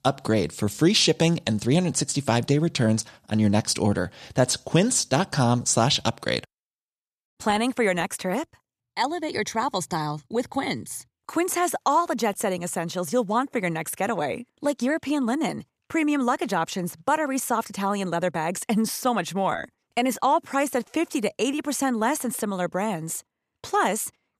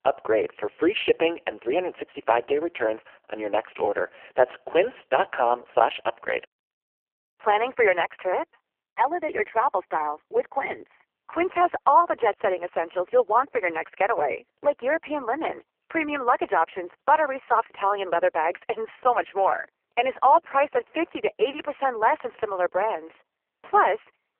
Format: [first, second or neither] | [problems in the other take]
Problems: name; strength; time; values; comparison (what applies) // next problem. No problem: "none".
first | phone-call audio; poor line; nothing above 3 kHz